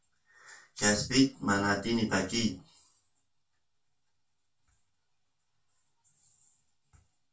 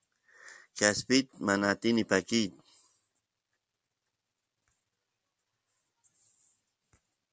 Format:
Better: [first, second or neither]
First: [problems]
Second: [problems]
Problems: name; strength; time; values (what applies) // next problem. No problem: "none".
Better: second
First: room echo; dies away in 0.2 s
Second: none